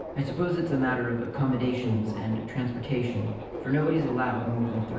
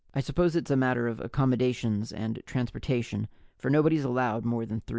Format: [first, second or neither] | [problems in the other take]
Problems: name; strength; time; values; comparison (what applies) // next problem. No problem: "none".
second | background sound (Subway, metro, underground); 10 dB below the speech // room echo; dies away in 0.9 s